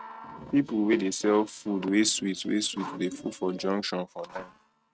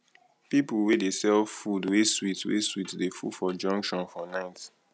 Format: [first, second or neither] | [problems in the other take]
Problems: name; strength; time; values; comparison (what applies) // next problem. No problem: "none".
second | noise reduction (neural mask model RNNoise)